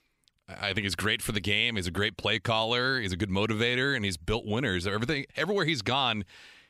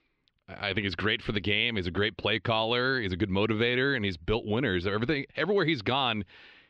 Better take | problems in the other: first | muffled; very slightly; fading above 4 kHz

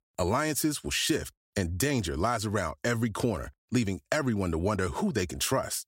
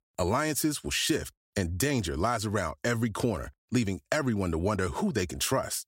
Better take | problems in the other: neither | none

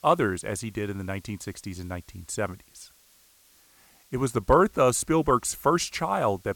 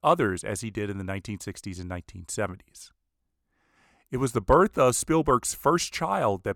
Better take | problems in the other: second | hiss; faint; throughout; 30 dB below the speech

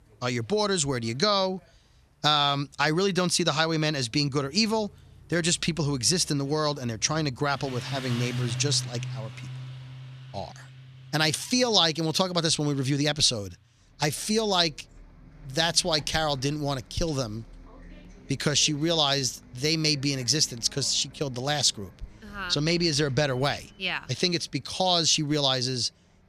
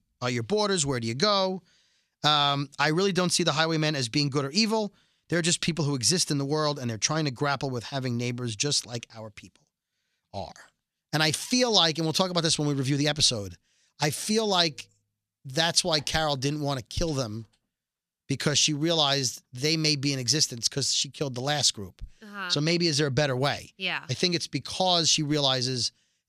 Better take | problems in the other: second | traffic noise; noticeable; throughout; 15 dB below the speech

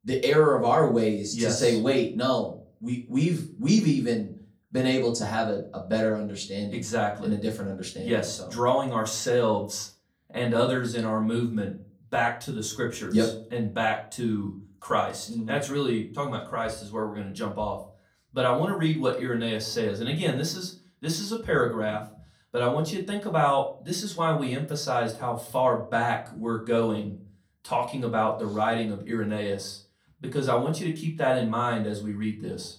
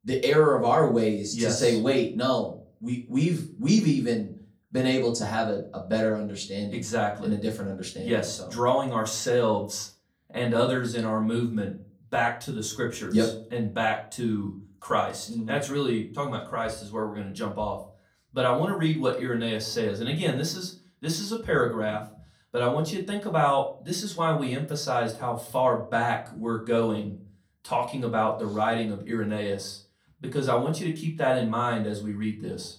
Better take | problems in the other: neither | off-mic speech; far; the same in both // room echo; very slight; dies away in 0.3 s; the same in both

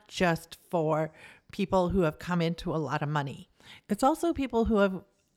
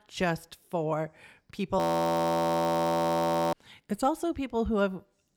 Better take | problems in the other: first | audio freezing; at 2 s for 1.5 s

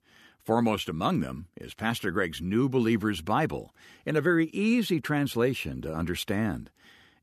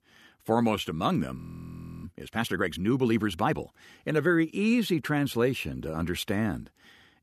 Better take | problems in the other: first | audio freezing; at 1.5 s for 0.5 s

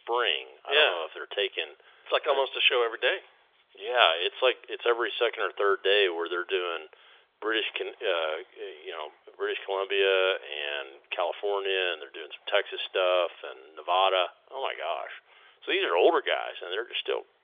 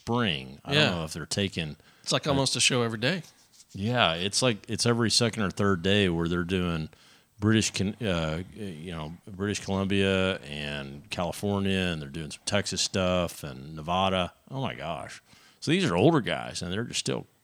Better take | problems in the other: second | phone-call audio; nothing above 3.5 kHz

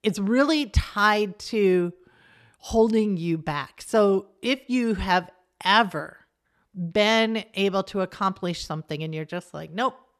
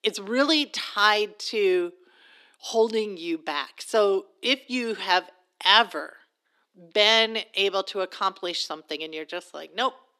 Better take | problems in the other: first | thin; somewhat; fading below 250 Hz

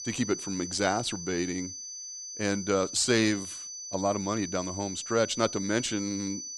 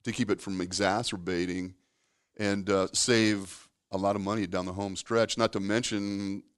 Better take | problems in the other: second | high-pitched whine; loud; throughout; 6 kHz, 8 dB below the speech

